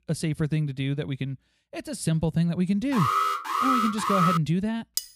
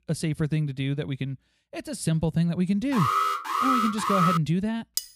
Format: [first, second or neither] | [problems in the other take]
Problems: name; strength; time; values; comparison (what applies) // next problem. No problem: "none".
neither | alarm; loud; from 3 to 4.5 s; peak 3 dB above the speech; the same in both // clattering dishes; very faint; at 5 s; peak 4 dB below the speech; the same in both